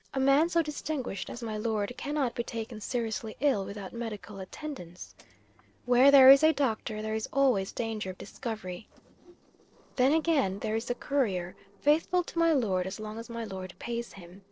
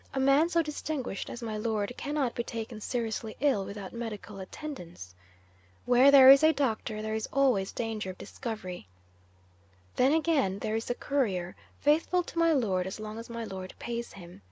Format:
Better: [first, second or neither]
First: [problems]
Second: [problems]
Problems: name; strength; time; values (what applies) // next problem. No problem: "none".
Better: second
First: noise reduction (neural separator model SepFormer DNS4)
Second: none